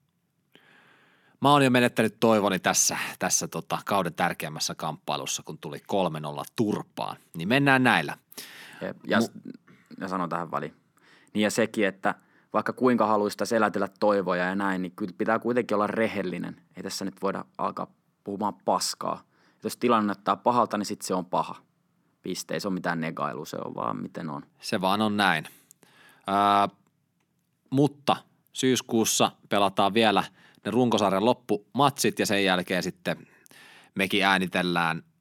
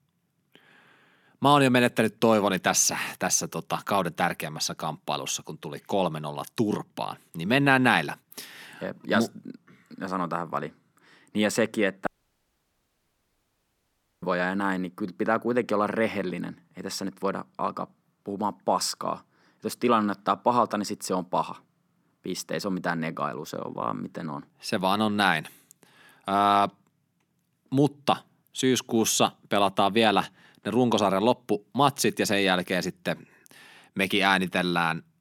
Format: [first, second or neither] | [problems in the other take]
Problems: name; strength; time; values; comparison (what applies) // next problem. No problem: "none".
first | audio cutting out; at 12 s for 2 s